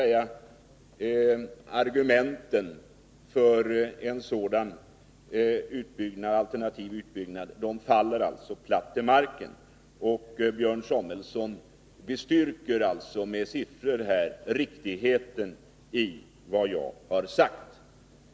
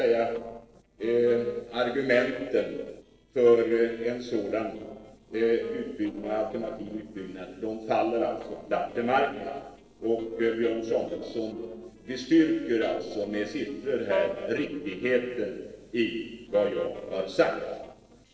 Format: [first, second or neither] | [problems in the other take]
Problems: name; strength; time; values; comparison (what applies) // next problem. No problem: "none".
first | noise reduction (neural separator model SepFormer DNS4)